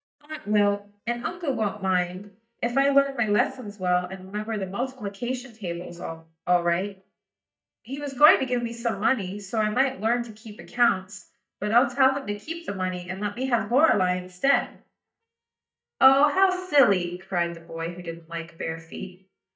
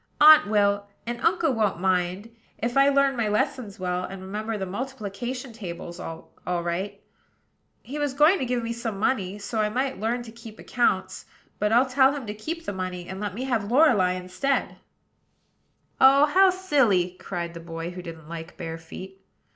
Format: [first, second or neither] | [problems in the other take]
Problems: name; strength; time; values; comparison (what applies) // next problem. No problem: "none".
second | noise reduction (neural mask model DeepFilterNet 3)